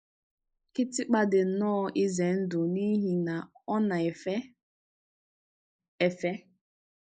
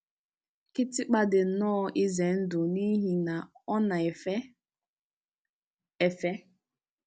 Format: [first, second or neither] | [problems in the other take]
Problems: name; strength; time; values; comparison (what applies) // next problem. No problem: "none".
second | noise reduction (neural mask model Resemble Enhance denoiser)